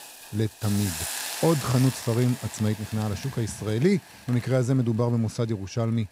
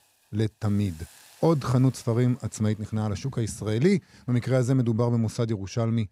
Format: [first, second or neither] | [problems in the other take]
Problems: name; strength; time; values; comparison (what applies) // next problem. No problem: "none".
second | hiss; loud; throughout; 9 dB below the speech; faint in the second